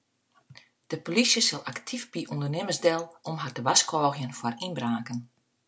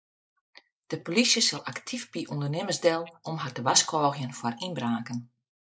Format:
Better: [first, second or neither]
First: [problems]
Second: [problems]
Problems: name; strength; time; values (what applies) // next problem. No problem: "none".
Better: first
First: none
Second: noise reduction (neural mask model Resemble Enhance denoiser)